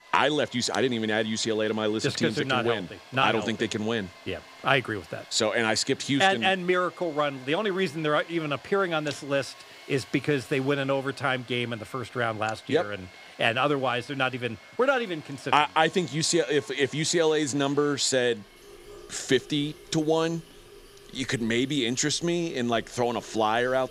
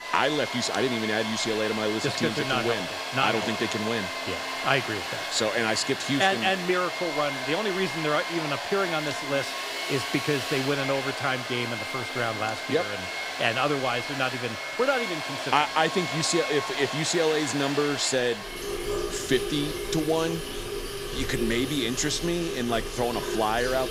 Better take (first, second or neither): first